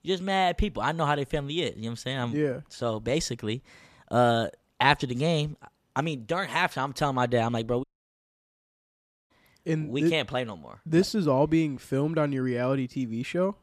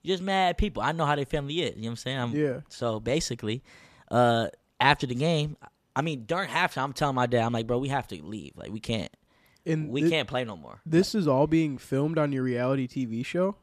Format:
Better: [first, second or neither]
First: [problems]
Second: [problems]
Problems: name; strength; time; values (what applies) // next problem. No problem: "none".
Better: second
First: audio cutting out; at 8 s for 1.5 s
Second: none